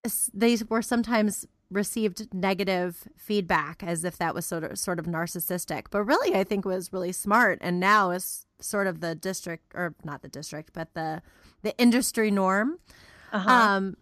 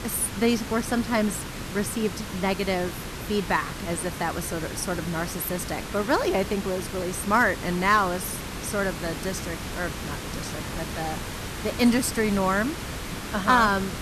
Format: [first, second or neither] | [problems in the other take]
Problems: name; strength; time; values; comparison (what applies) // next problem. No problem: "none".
first | hiss; loud; throughout; 8 dB below the speech